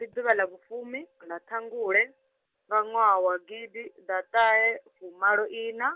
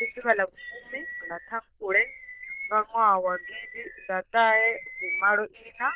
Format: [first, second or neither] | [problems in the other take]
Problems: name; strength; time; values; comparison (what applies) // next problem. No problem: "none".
first | noise reduction (neural diffusion model UNIVERSE++)